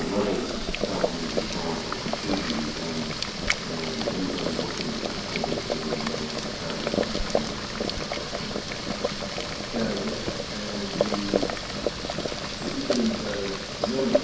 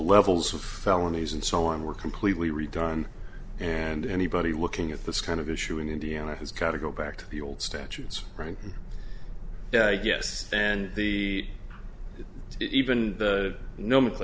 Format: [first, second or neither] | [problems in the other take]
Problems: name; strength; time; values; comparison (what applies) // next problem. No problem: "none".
second | background sound (Boiling); 3 dB above the speech // room echo; dies away in 0.9 s